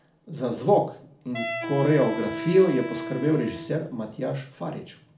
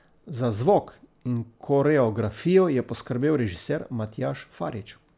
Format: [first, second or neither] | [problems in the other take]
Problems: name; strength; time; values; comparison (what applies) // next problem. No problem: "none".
second | background sound (Wind instrument, woodwind instrument); 10 dB below the speech // room echo; dies away in 0.4 s